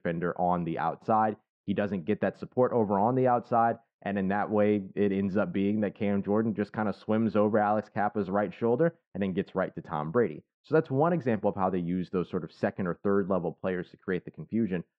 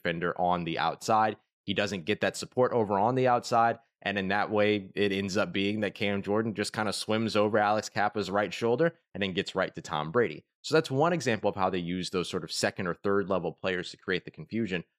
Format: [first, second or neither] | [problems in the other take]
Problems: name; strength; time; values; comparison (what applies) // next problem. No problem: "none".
second | muffled; very; fading above 1.5 kHz